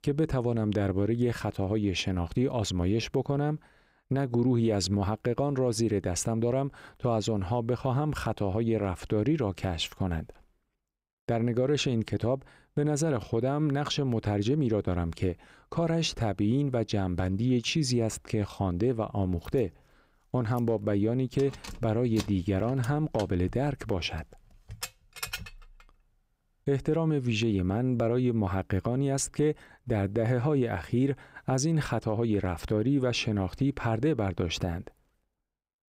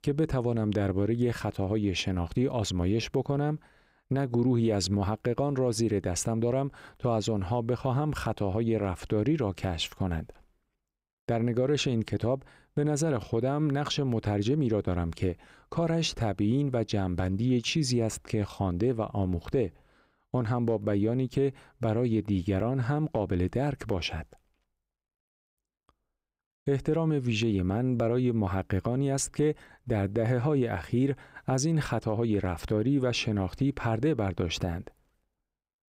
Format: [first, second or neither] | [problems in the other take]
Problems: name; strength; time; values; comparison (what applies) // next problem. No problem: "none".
second | jangling keys; noticeable; from 21 to 26 s; peak 7 dB below the speech